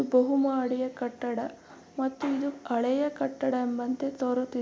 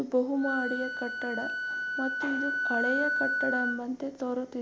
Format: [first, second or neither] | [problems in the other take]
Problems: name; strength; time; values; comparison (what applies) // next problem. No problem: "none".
first | background sound (Wind instrument, woodwind instrument); as loud as the speech